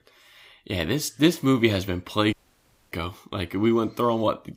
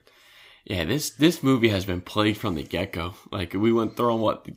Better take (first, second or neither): second